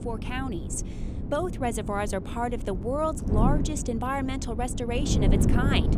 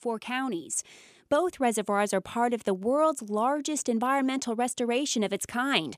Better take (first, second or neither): second